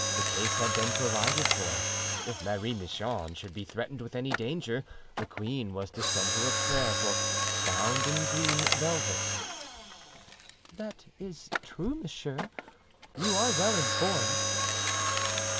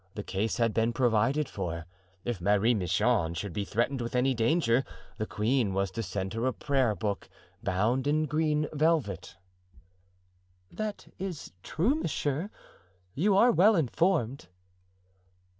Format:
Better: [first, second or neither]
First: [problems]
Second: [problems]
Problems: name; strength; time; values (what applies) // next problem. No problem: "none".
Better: second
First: background sound (Mechanisms); 3 dB above the speech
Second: none